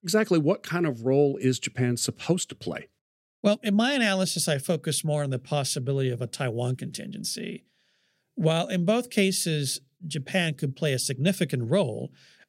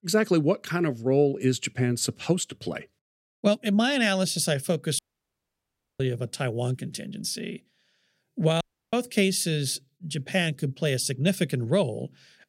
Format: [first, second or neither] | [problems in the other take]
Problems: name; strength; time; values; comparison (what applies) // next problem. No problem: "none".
first | audio cutting out; at 5 s for 1 s and at 8.5 s